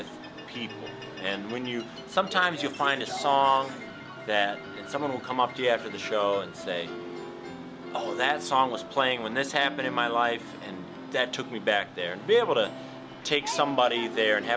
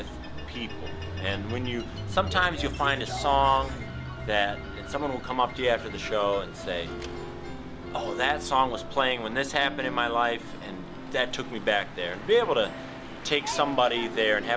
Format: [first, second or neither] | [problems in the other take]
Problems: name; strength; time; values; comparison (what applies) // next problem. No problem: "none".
first | background sound (Mechanisms / Bicycle); 11 dB below the speech